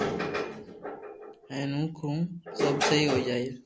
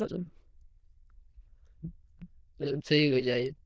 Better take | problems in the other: first | noise reduction (neural diffusion model UNIVERSE++)

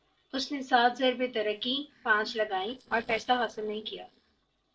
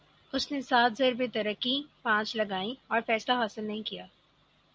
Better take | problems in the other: second | noise reduction (neural separator model SepFormer DNS4)

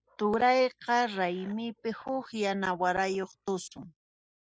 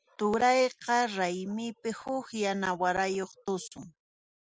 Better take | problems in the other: second | noise reduction (neural mask model Resemble Enhance denoiser)

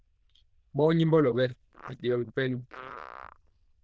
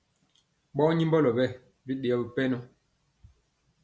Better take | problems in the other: second | noise reduction (neural diffusion model UNIVERSE++)

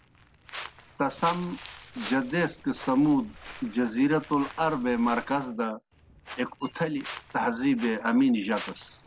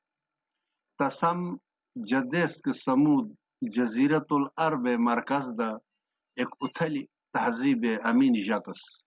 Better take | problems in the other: second | background sound (Walk, footsteps); 17 dB below the speech

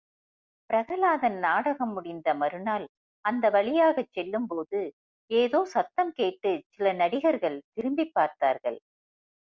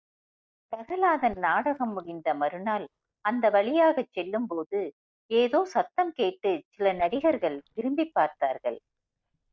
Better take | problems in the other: first | noise reduction (neural mask model DeepFilterNet 3)

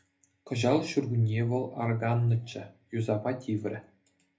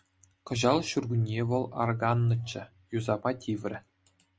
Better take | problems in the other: second | room echo; dies away in 0.3 s

